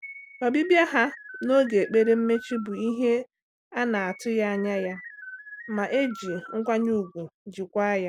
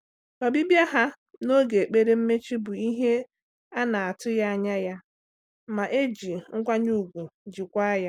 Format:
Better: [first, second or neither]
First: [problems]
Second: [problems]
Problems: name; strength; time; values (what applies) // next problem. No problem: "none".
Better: second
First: background sound (Keyboard (musical)); 17 dB below the speech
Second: none